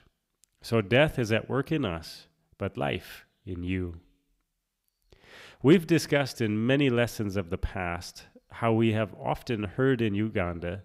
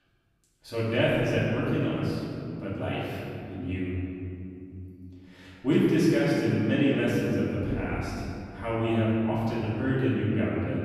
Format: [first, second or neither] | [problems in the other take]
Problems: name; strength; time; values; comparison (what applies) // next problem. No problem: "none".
first | room echo; strong; dies away in 3 s // off-mic speech; far